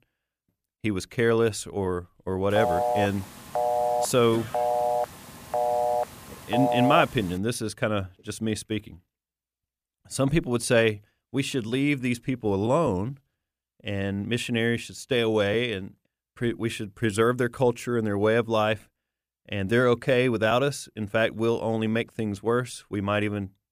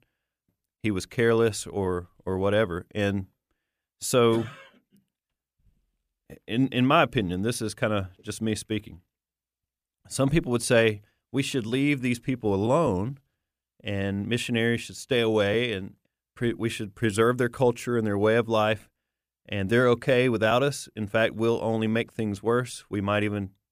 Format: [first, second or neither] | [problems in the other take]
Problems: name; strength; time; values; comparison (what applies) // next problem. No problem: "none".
second | phone ringing; loud; from 2.5 to 7 s; peak 1 dB above the speech